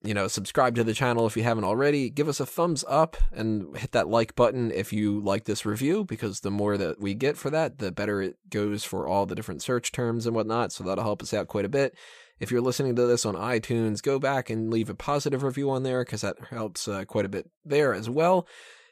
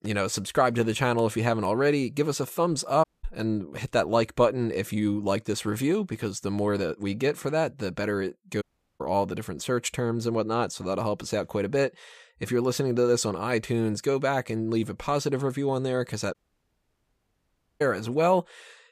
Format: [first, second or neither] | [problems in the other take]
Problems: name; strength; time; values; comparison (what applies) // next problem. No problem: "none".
first | audio cutting out; at 3 s, at 8.5 s and at 16 s for 1.5 s